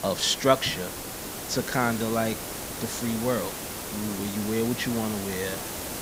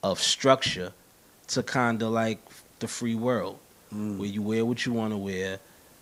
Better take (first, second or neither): second